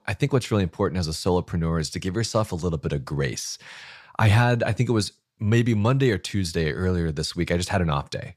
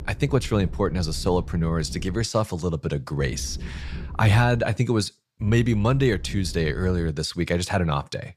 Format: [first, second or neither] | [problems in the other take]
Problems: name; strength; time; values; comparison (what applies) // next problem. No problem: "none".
first | low rumble; faint; until 2 s, from 3 to 4.5 s and from 5.5 to 7 s; 20 dB below the speech